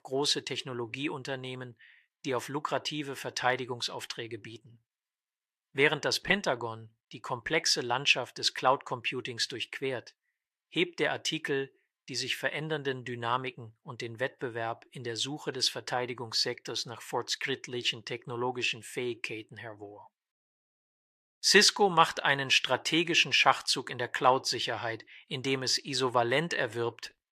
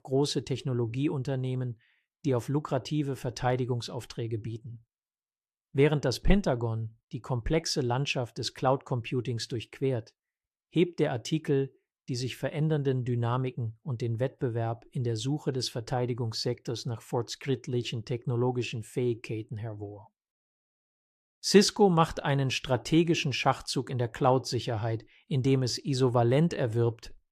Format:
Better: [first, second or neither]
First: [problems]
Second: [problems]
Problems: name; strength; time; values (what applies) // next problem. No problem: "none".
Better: second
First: thin; somewhat; fading below 800 Hz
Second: none